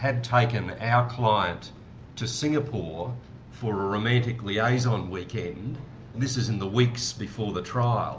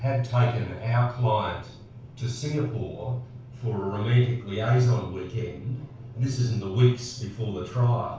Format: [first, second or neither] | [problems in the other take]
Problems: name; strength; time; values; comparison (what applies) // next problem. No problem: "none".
first | room echo; dies away in 0.4 s